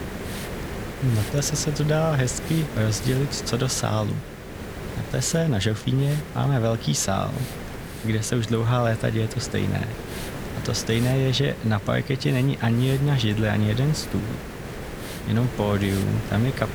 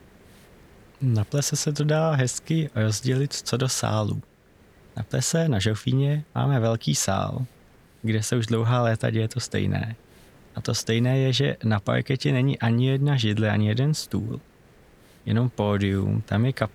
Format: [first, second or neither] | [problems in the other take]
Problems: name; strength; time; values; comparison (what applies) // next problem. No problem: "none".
second | hiss; loud; throughout; 10 dB below the speech; faint in the second